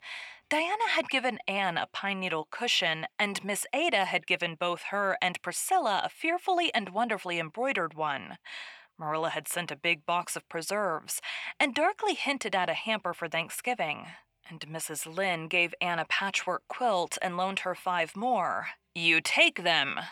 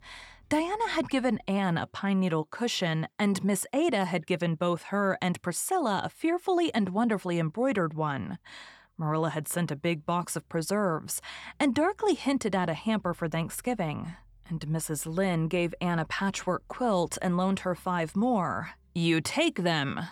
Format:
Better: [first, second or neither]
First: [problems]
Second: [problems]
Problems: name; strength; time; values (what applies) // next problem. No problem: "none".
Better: second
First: thin; somewhat; fading below 650 Hz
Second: none